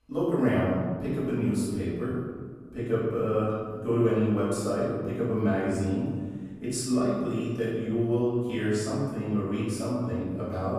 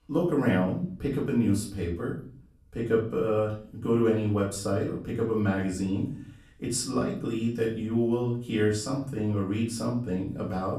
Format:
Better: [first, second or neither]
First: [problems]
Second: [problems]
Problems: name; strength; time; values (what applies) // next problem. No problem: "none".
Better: second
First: room echo; strong; dies away in 1.5 s // off-mic speech; far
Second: room echo; slight; dies away in 0.4 s // off-mic speech; far